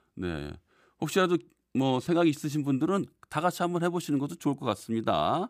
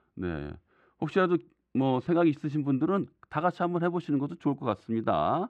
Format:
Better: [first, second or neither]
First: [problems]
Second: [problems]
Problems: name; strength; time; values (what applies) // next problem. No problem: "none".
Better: first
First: none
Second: muffled; very; fading above 2 kHz